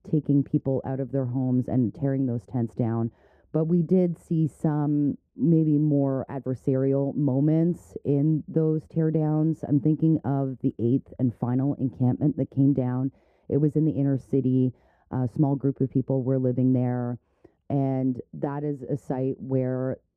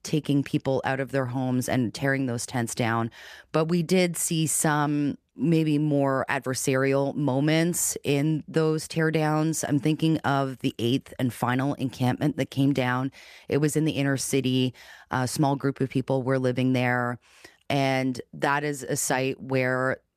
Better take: second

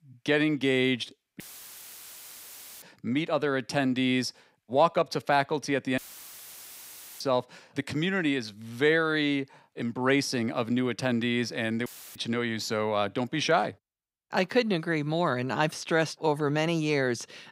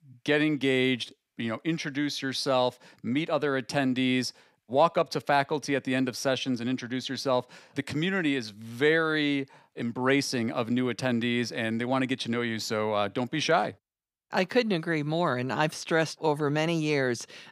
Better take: second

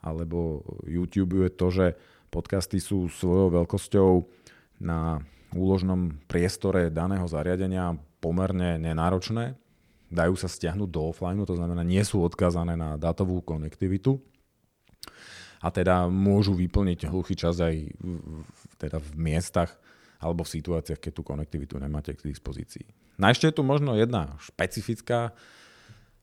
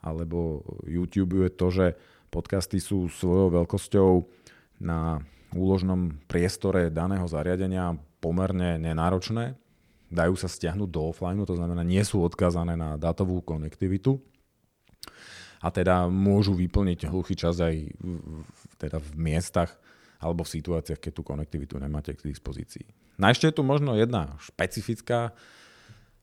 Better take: neither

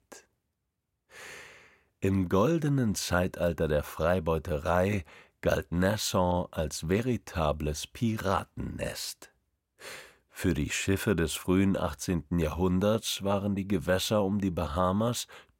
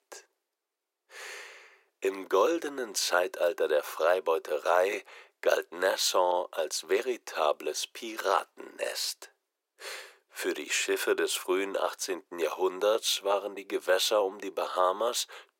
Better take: first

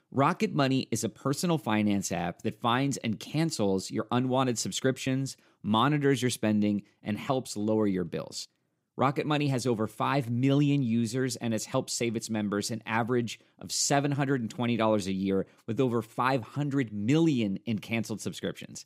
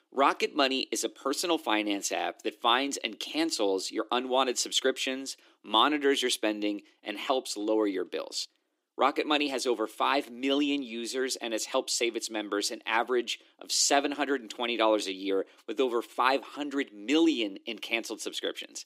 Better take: first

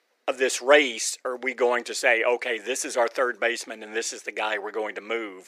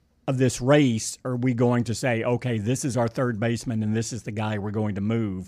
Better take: second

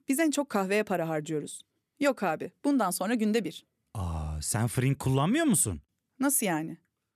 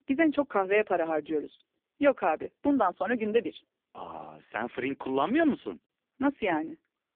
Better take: first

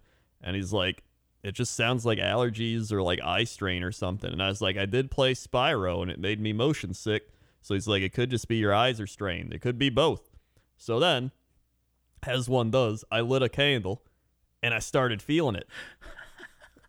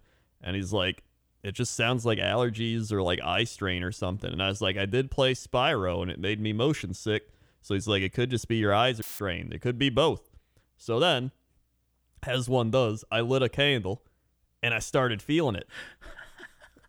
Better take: first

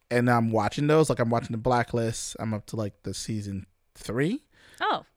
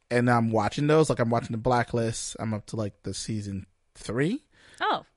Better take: first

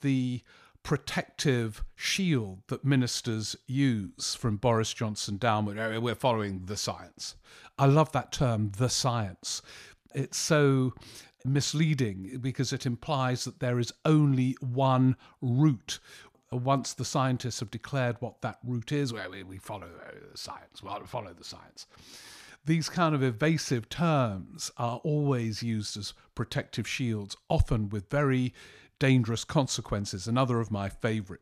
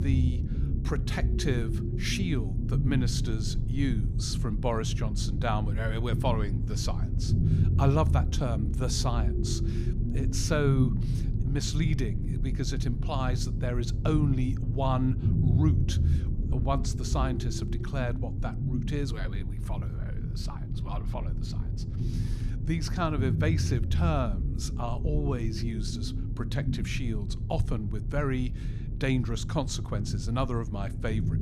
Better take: first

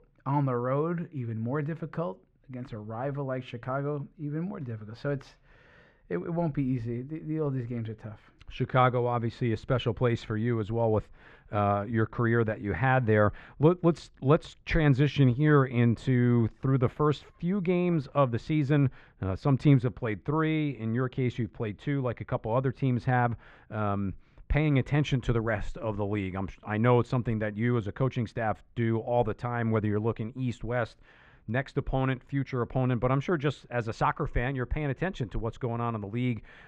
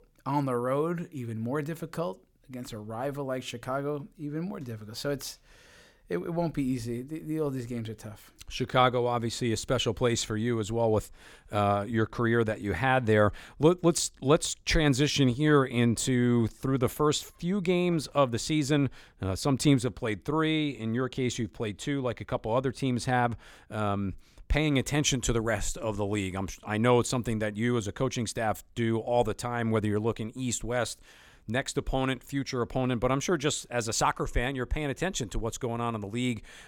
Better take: second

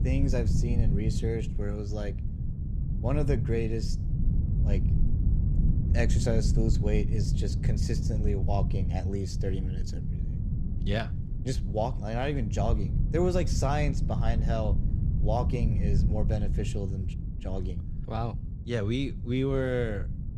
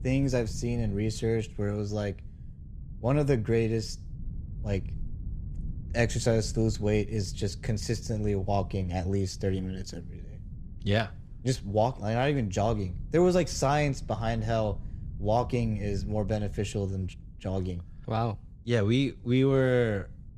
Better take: second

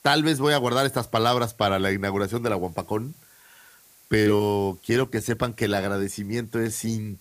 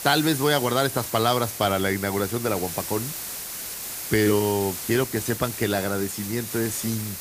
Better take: first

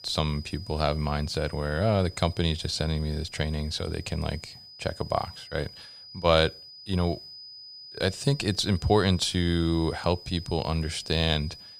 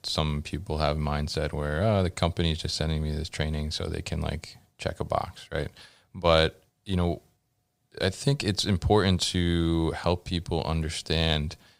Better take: second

